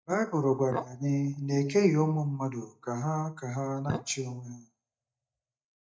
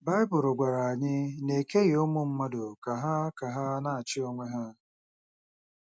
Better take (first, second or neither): second